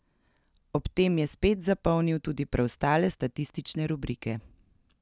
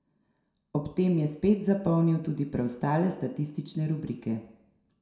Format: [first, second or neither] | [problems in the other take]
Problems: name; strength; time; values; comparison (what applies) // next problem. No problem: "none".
first | room echo; dies away in 0.6 s